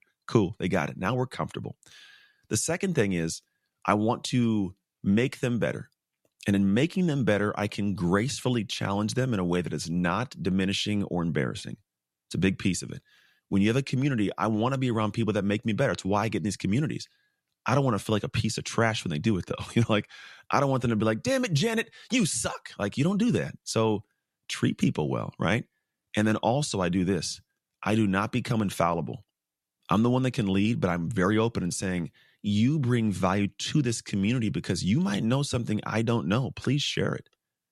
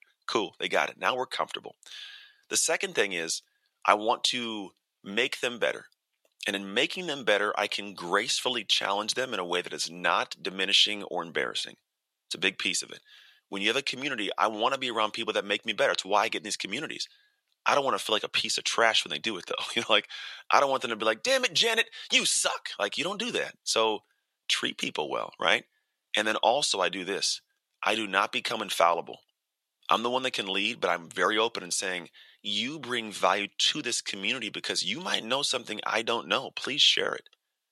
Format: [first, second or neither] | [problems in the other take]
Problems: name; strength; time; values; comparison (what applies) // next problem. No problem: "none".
first | thin; very; fading below 650 Hz